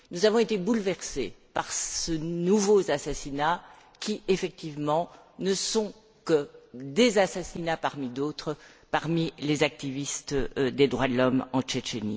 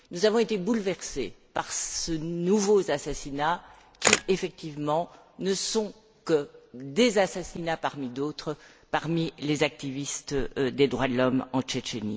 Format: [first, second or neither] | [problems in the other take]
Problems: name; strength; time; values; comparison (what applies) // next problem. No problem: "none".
first | background sound (Camera); 2 dB below the speech